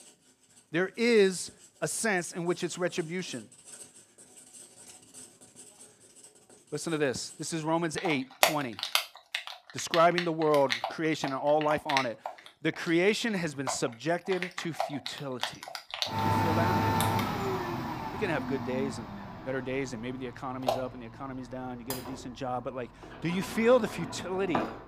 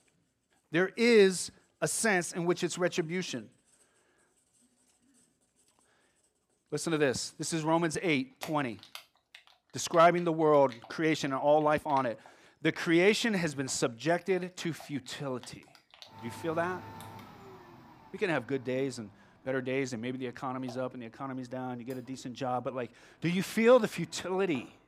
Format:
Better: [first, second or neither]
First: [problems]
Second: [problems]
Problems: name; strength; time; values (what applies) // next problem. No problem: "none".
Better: second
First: household noises; loud; throughout; 3 dB below the speech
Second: household noises; faint; throughout; 25 dB below the speech